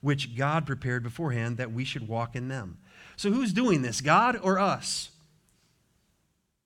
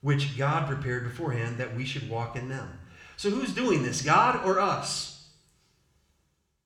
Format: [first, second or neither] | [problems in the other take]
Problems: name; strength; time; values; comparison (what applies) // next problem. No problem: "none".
first | room echo; slight; dies away in 0.7 s